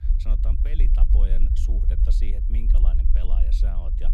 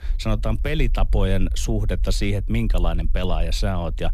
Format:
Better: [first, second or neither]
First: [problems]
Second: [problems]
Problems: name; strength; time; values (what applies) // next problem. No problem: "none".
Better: second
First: low rumble; loud; throughout; 1 dB below the speech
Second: low rumble; faint; throughout; 25 dB below the speech